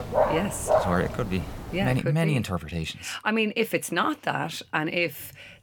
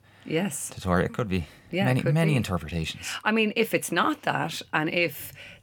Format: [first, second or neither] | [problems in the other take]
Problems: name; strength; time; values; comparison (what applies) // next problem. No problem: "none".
second | dog barking; loud; until 2 s; peak 3 dB above the speech